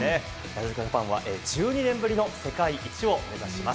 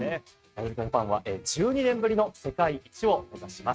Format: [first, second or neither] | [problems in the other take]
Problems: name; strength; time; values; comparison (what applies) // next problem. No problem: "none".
first | noise reduction (neural mask model RNNoise)